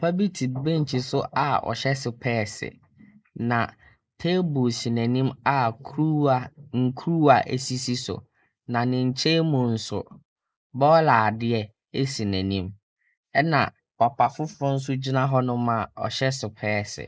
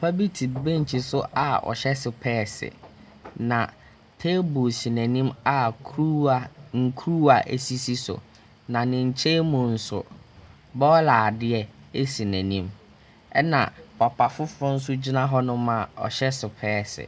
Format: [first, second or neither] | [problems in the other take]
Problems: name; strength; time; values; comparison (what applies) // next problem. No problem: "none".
second | noise reduction (neural mask model Resemble Enhance denoiser)